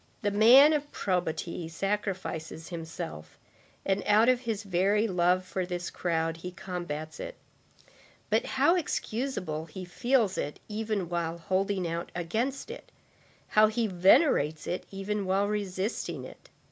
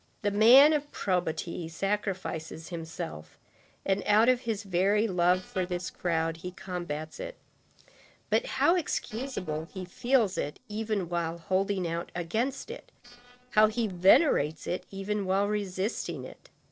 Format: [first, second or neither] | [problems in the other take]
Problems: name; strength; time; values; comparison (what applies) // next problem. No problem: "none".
first | noise reduction (neural separator model SepFormer DNS4)